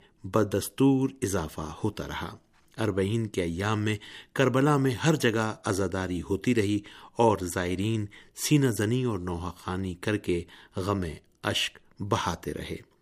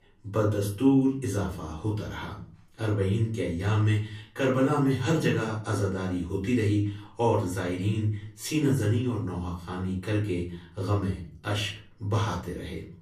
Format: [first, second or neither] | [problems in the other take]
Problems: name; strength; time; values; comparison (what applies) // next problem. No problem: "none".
first | off-mic speech; far // room echo; slight; dies away in 0.5 s